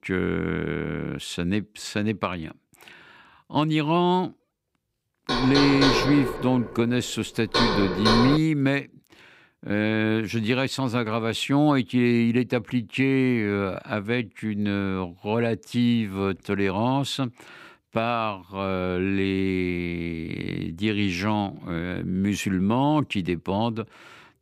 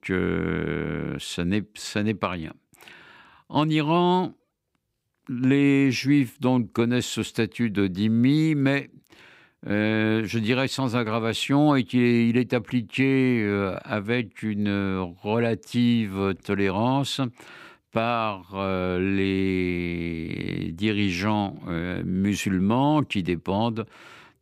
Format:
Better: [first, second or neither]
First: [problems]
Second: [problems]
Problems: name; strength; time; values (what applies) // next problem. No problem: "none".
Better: second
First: door banging; loud; from 5.5 to 8.5 s; peak 3 dB above the speech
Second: none